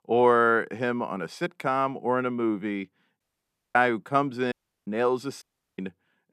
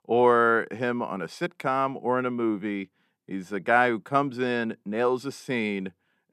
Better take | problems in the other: second | audio cutting out; at 3 s for 0.5 s, at 4.5 s and at 5.5 s

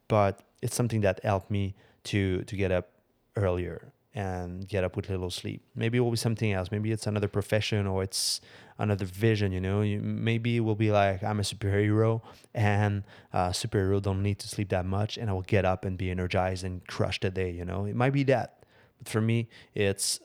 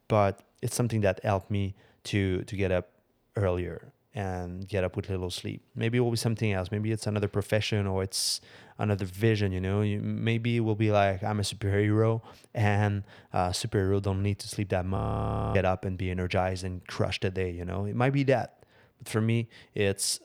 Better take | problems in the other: first | audio freezing; at 15 s for 0.5 s

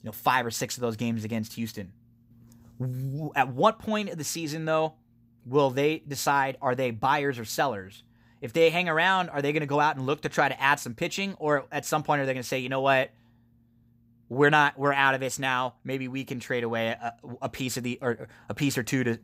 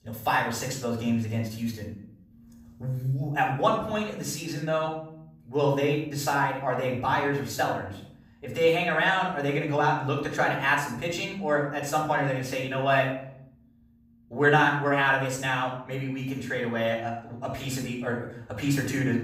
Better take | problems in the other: first | off-mic speech; far // room echo; noticeable; dies away in 0.6 s

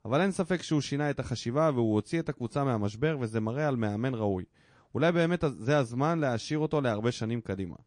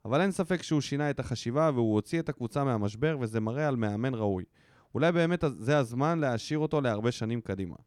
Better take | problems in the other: second | garbled, watery; slightly; nothing above 9 kHz

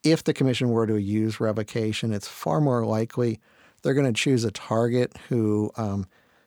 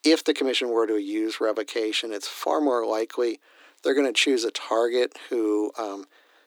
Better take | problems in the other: first | thin; somewhat; fading below 300 Hz

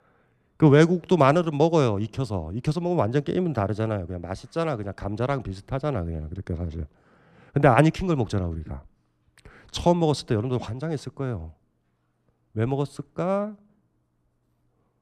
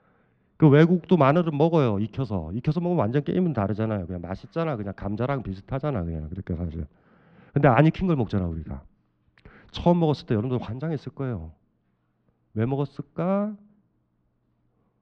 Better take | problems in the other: first | muffled; slightly; fading above 4 kHz

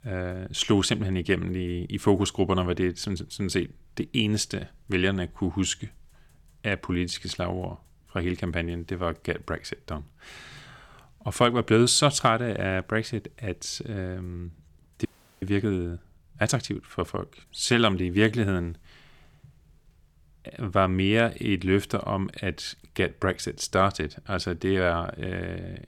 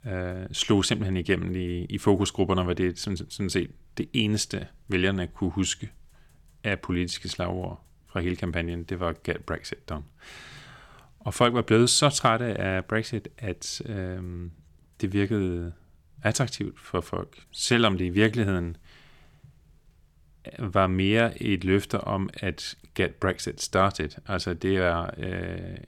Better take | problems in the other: second | audio freezing; at 15 s

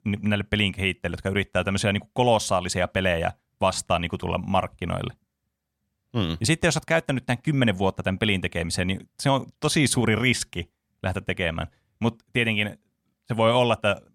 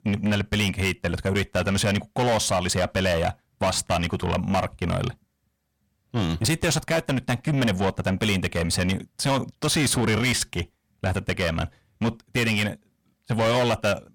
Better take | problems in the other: first | distortion; heavy; 7 dB below the speech

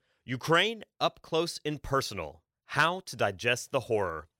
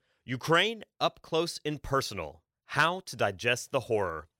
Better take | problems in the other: neither | none

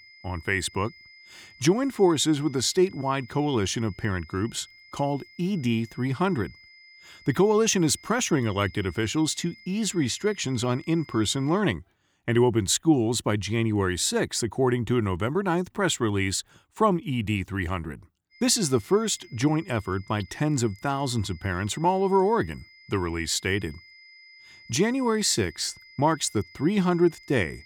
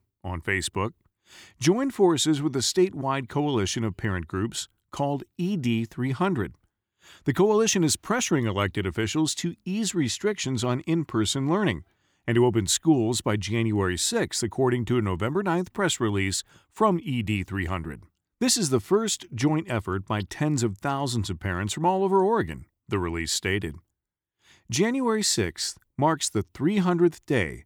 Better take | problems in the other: second | high-pitched whine; faint; until 12 s and from 18 s on; 2 kHz, 25 dB below the speech

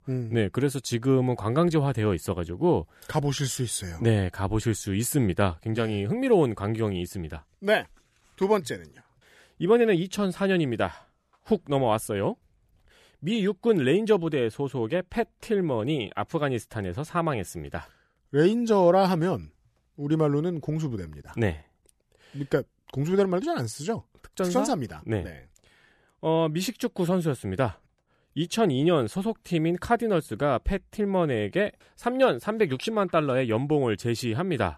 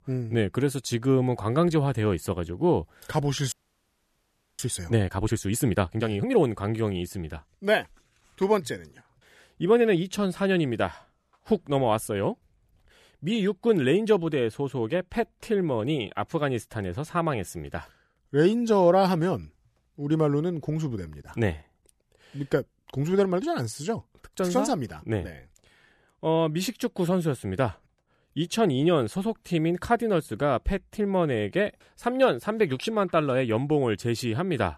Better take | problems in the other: first | audio freezing; at 3.5 s for 1 s

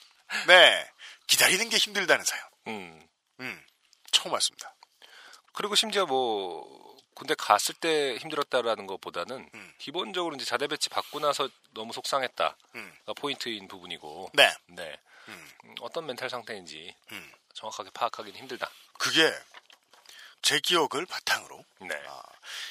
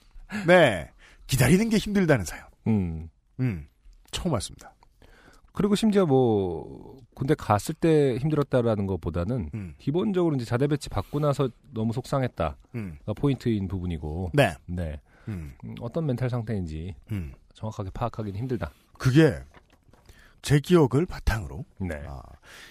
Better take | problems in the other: second | thin; very; fading below 800 Hz

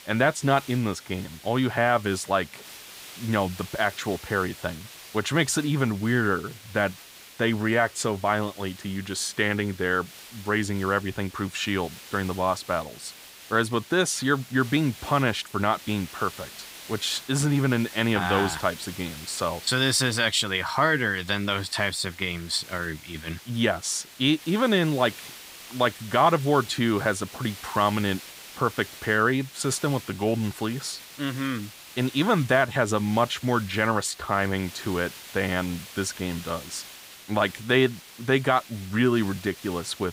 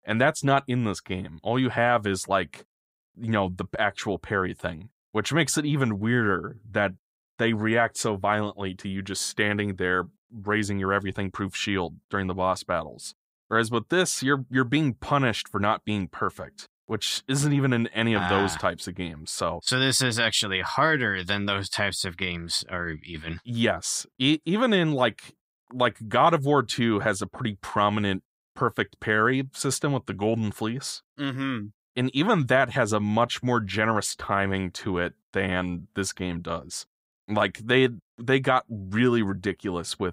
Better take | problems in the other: second | hiss; noticeable; throughout; 15 dB below the speech

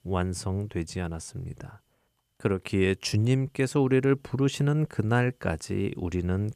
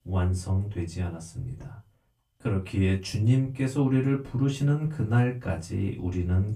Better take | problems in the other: first | off-mic speech; far // room echo; very slight; dies away in 0.2 s

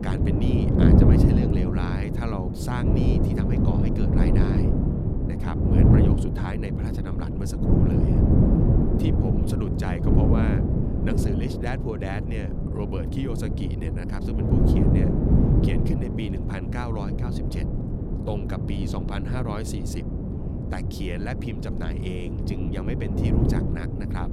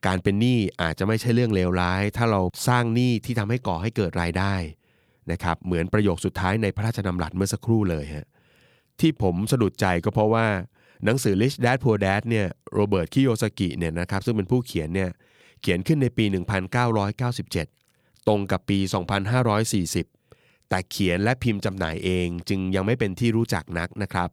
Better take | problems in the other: second | wind noise on the microphone; heavy; 4 dB above the speech

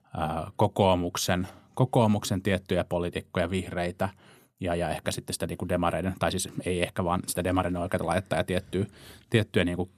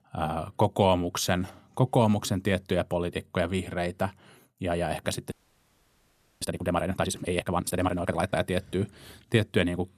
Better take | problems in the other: first | audio freezing; at 5.5 s for 1 s

